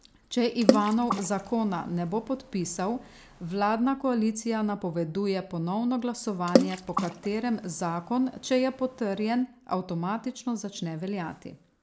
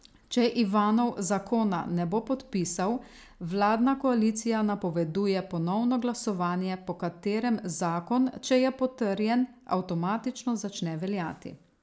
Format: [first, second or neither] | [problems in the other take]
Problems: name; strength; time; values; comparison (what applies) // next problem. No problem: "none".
second | background sound (Water / Splash, splatter); 3 dB below the speech